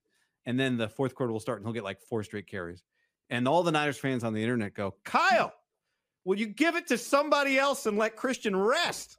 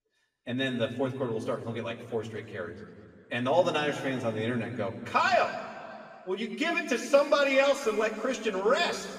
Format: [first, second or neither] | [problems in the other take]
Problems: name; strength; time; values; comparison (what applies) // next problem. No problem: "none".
first | room echo; slight; dies away in 2 s // off-mic speech; far